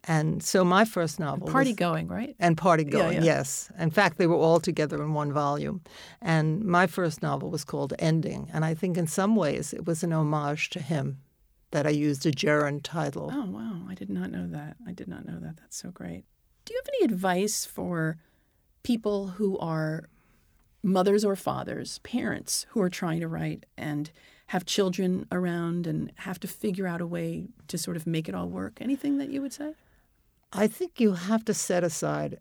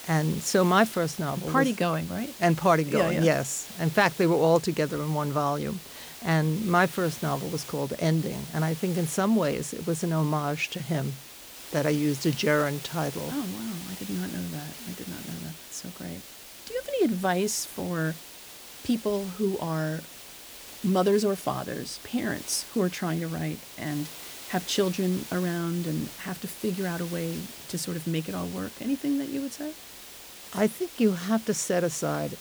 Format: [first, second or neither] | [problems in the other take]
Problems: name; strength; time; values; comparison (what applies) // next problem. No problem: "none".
first | hiss; noticeable; throughout; 15 dB below the speech